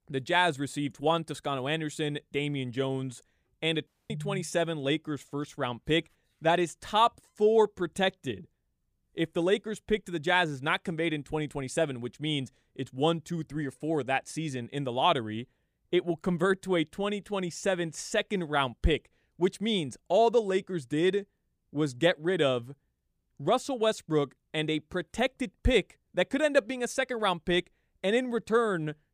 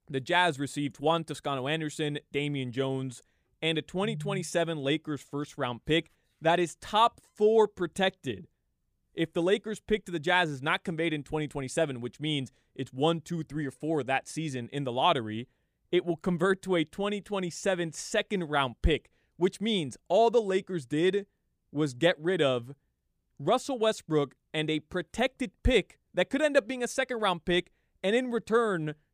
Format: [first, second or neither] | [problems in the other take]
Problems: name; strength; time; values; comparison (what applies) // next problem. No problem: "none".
second | audio cutting out; at 4 s